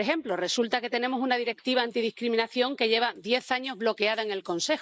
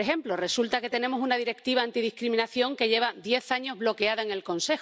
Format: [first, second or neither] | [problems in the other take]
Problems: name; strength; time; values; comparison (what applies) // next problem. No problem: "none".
second | noise reduction (neural mask model Resemble Enhance denoiser)